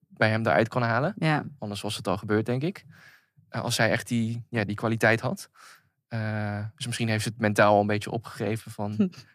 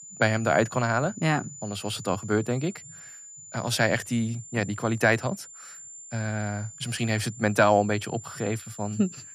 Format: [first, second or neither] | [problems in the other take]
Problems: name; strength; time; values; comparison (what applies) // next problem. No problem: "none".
first | high-pitched whine; noticeable; throughout; 7 kHz, 15 dB below the speech